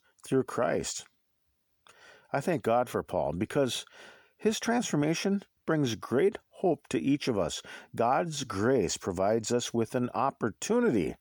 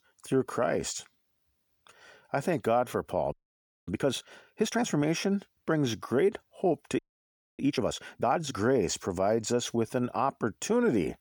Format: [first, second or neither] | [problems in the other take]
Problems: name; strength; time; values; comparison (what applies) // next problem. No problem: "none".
first | audio freezing; at 3.5 s for 0.5 s and at 7 s for 0.5 s